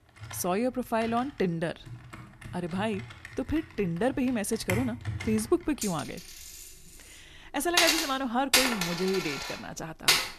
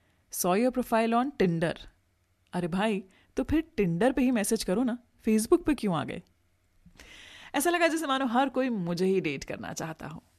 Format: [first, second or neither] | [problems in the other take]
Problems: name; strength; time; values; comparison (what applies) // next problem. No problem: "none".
second | household noises; very loud; throughout; 3 dB above the speech